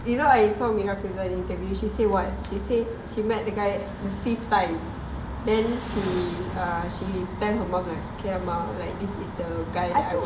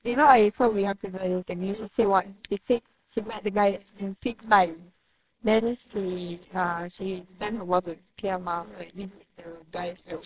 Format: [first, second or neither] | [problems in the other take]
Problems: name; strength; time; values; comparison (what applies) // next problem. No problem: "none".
first | noise reduction (neural separator model SepFormer WHAMR!)